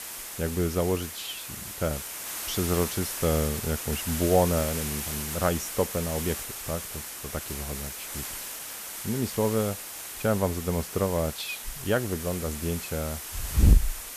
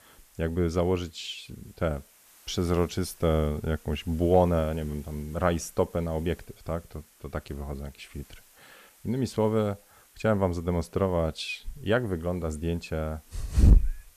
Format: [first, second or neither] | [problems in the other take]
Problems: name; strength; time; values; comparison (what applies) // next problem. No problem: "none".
second | hiss; loud; throughout; 5 dB below the speech; faint in the second